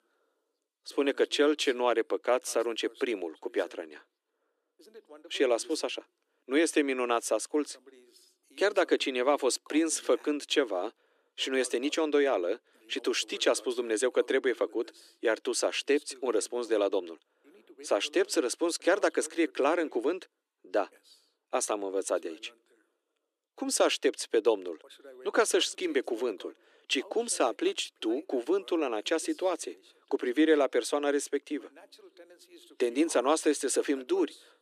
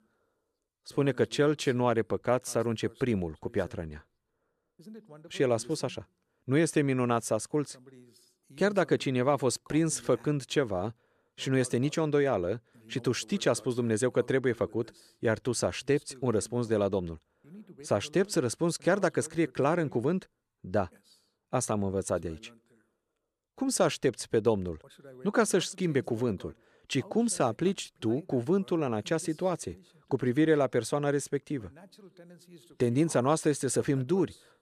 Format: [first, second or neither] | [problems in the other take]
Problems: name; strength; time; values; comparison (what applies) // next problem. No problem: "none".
second | thin; somewhat; fading below 300 Hz